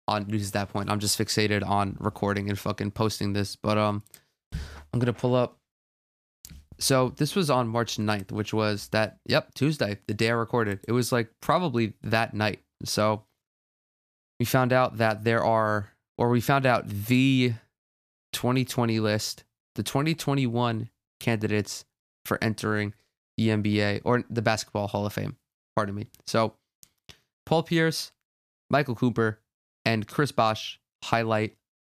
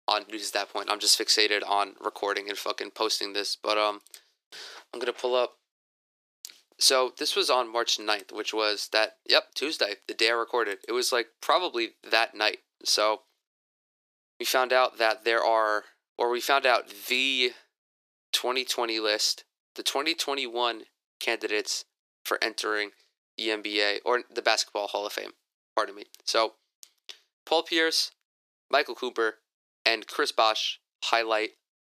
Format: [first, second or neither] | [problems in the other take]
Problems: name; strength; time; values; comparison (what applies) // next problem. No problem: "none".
first | thin; very; fading below 350 Hz